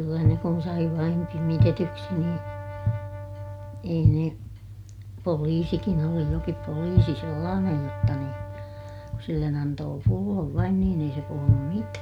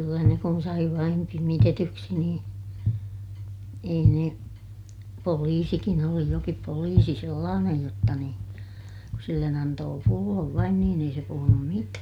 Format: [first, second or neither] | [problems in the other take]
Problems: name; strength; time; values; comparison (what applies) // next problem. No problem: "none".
second | background sound (Brass instrument); 18 dB below the speech